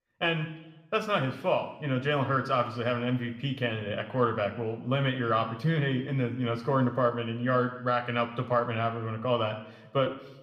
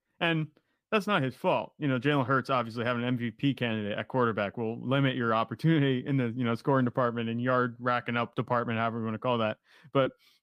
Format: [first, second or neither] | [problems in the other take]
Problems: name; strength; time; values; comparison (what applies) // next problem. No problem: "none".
second | room echo; slight; dies away in 0.9 s